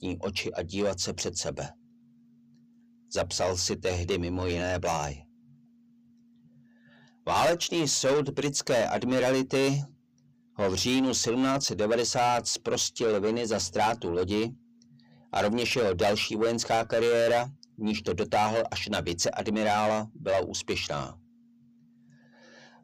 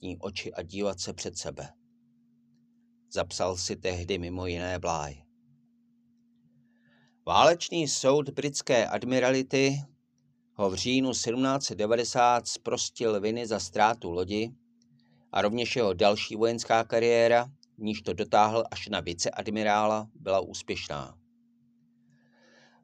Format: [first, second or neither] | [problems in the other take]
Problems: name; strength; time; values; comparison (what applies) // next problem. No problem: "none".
second | distortion; heavy; 7 dB below the speech